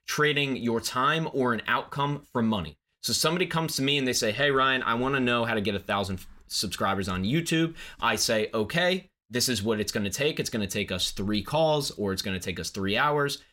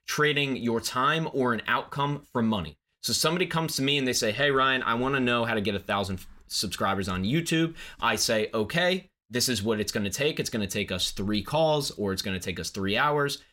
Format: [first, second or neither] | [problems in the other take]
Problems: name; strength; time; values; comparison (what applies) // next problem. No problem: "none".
neither | none